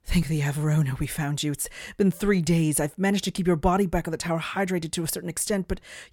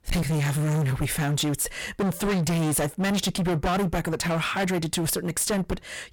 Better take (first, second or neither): first